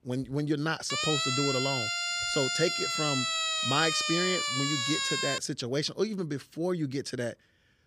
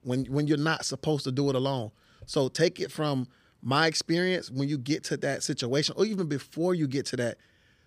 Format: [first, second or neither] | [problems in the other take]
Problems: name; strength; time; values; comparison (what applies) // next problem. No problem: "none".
second | siren; loud; from 1 to 5.5 s; peak 4 dB above the speech